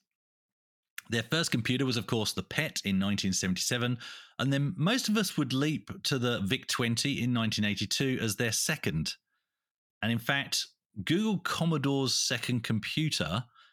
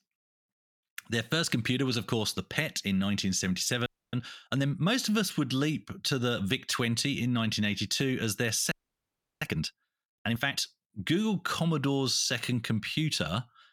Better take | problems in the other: first | audio freezing; at 4 s and at 8.5 s for 0.5 s

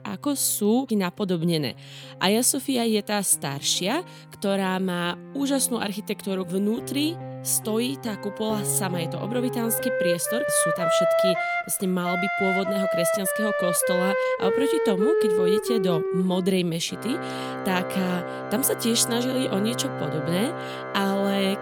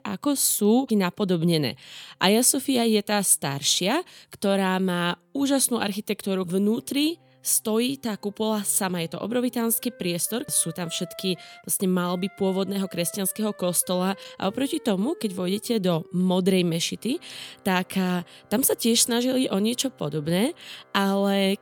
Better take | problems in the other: second | background music; loud; throughout; 2 dB below the speech; faint in the second

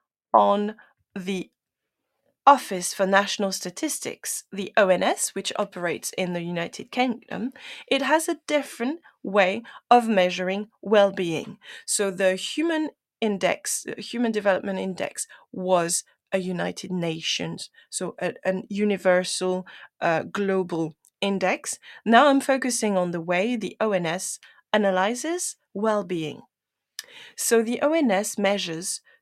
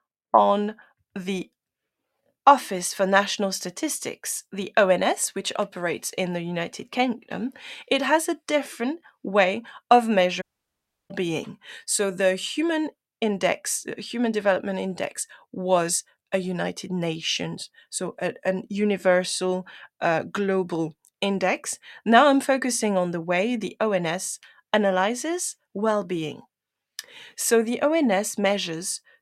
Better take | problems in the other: first | audio cutting out; at 10 s for 0.5 s

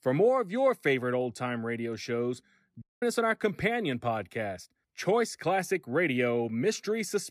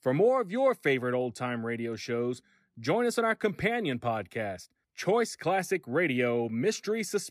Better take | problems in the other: second | audio cutting out; at 3 s

